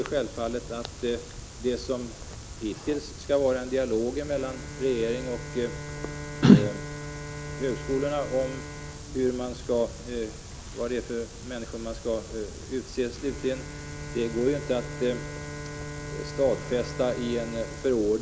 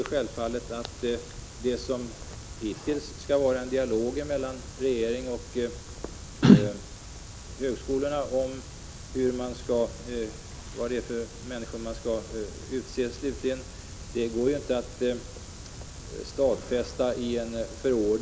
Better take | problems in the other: second | background sound (Bowed string instrument); 13 dB below the speech

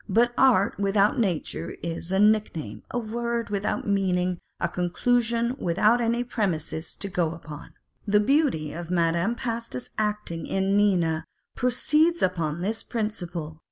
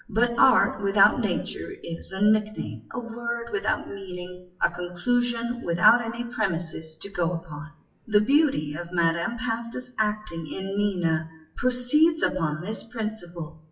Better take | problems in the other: first | noise reduction (classical method WPE with log-MMSE)

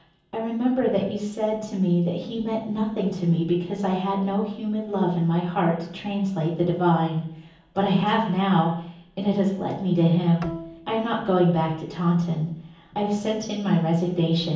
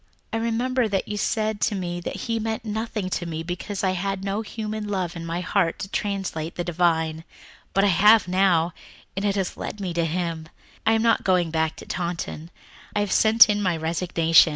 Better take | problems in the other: second | background sound (Bowed string instrument); 16 dB below the speech // room echo; dies away in 0.7 s

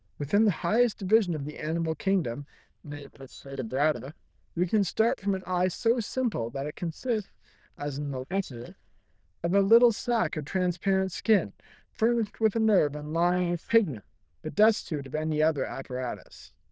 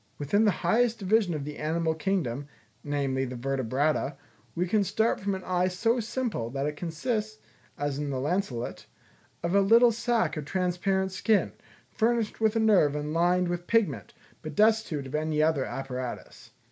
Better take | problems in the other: second | noise reduction (neural diffusion model UNIVERSE++)

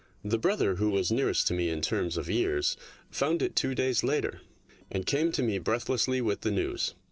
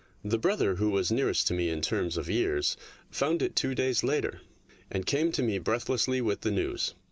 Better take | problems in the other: second | noise reduction (neural separator model SepFormer DNS4)

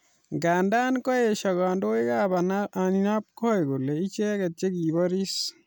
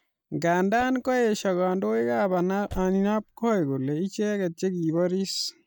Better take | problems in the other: first | noise reduction (neural mask model DeepFilterNet 3)

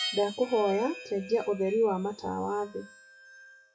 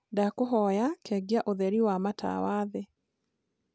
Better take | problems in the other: second | noise reduction (classical method WPE with log-MMSE)

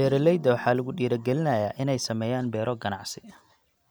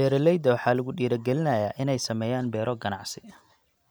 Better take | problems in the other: second | background sound (Piano); 19 dB below the speech

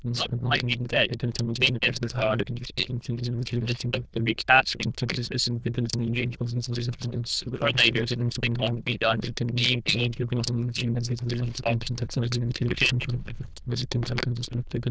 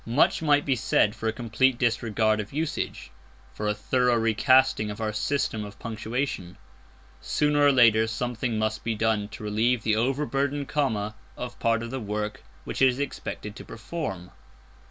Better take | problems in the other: second | noise reduction (neural diffusion model UNIVERSE++)

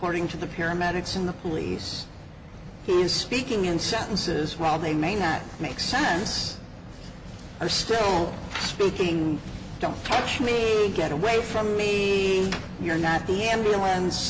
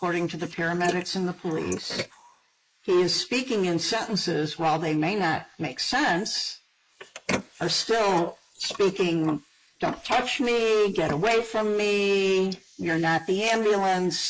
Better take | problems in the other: first | noise reduction (neural mask model Resemble Enhance denoiser)

